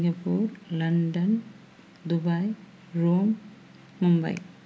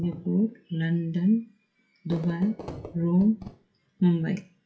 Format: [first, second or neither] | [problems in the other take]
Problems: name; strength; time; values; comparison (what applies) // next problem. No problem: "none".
first | noise reduction (classical method WPE with log-MMSE)